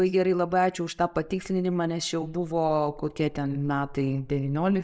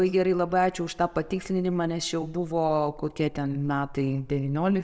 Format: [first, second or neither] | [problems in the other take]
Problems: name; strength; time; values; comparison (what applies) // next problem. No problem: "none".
second | noise reduction (neural mask model Resemble Enhance denoiser)